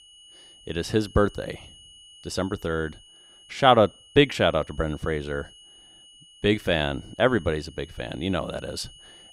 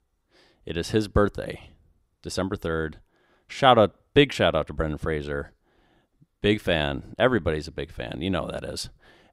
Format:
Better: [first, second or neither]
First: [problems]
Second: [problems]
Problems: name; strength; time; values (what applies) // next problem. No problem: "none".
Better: second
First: high-pitched whine; faint; throughout; 3 kHz, 25 dB below the speech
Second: none